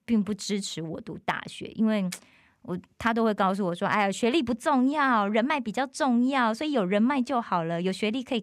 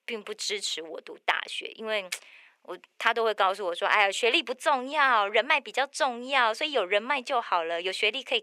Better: first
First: none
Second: thin; very; fading below 450 Hz

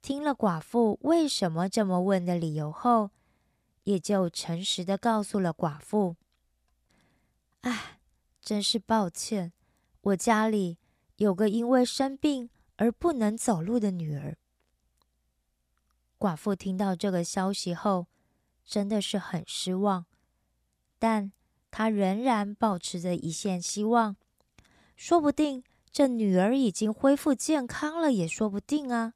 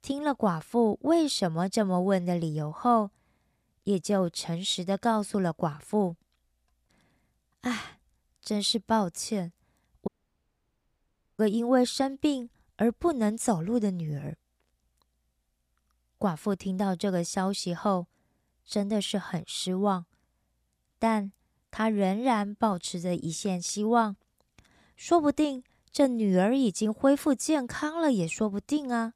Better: first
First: none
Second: audio cutting out; at 10 s for 1.5 s

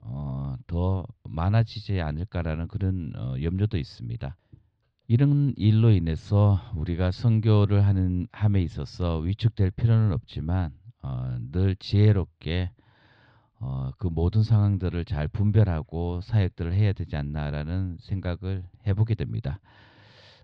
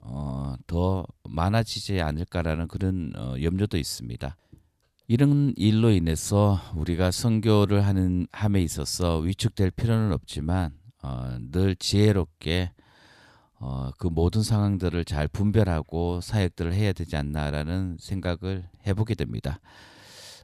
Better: second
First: muffled; very slightly; fading above 4 kHz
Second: none

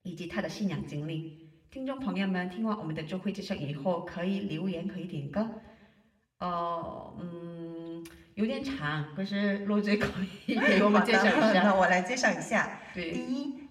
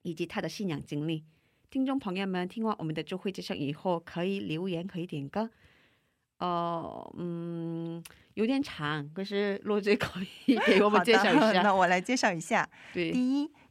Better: second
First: room echo; slight; dies away in 0.7 s // off-mic speech; somewhat distant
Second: none

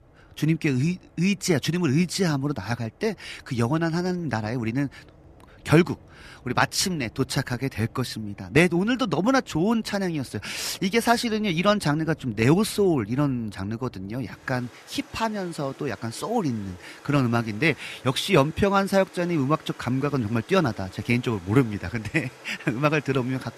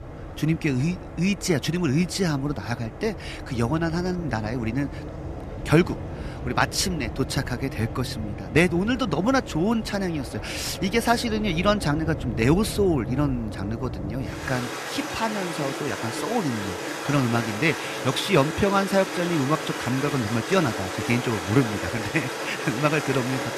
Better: first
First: rain or running water; faint; throughout; 25 dB below the speech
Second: rain or running water; loud; throughout; 7 dB below the speech

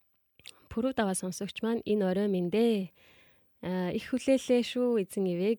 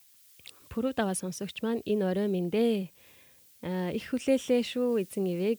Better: first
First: none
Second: hiss; faint; throughout; 25 dB below the speech

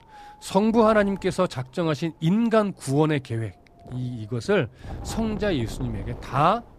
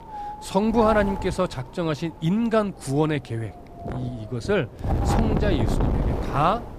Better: first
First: wind noise on the microphone; occasional gusts; 20 dB below the speech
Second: wind noise on the microphone; heavy; 6 dB below the speech

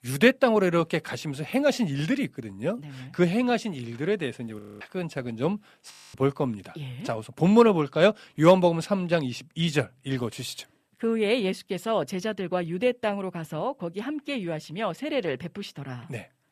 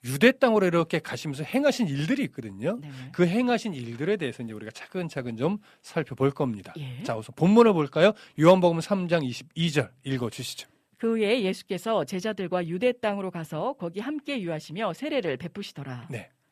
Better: second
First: audio freezing; at 4.5 s and at 6 s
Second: none

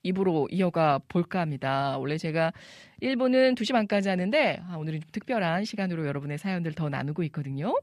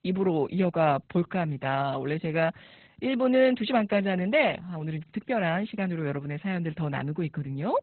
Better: first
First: none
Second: garbled, watery; badly; nothing above 4 kHz

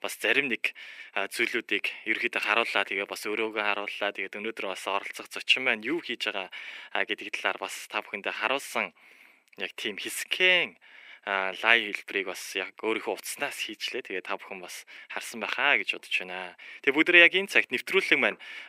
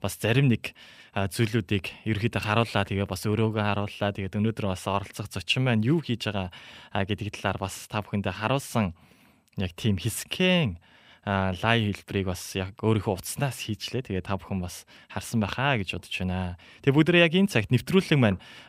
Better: second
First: thin; very; fading below 350 Hz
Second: none

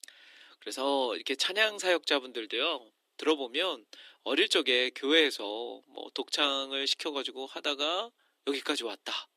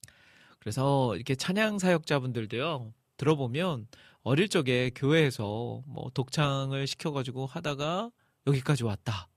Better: second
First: thin; somewhat; fading below 300 Hz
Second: none

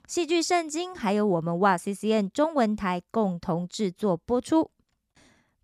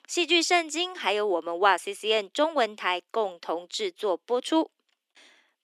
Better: first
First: none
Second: thin; very; fading below 300 Hz

